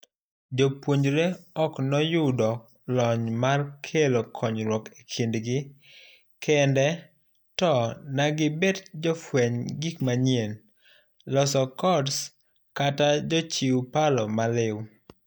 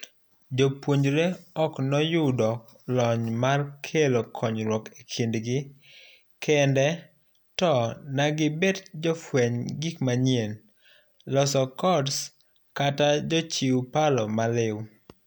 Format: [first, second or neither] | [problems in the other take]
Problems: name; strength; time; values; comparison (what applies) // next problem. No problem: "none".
second | noise reduction (neural mask model DeepFilterNet 3)